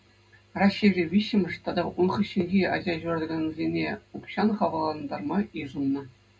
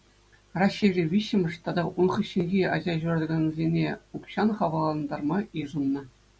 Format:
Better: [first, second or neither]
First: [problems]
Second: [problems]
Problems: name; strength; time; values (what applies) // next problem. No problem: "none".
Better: second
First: room echo; dies away in 0.2 s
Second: none